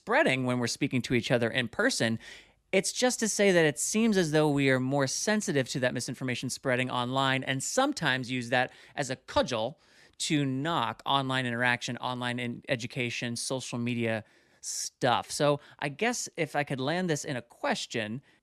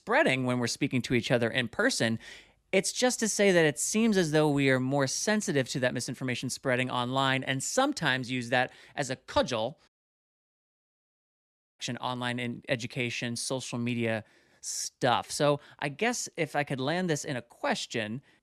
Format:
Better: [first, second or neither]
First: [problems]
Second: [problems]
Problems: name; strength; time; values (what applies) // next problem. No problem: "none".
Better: first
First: none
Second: audio cutting out; at 10 s for 2 s